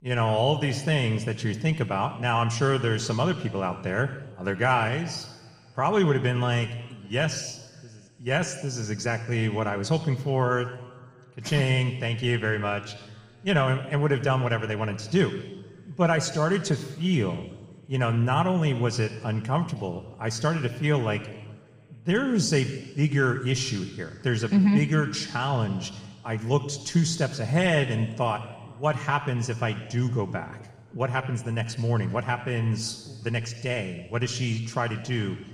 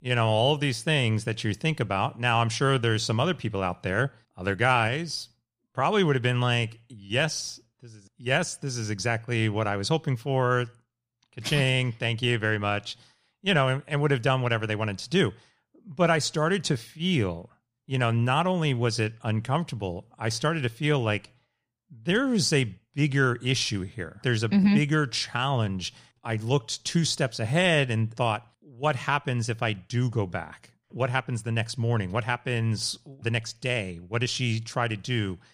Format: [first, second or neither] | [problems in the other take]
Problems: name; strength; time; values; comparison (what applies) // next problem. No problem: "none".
second | room echo; slight; dies away in 1.7 s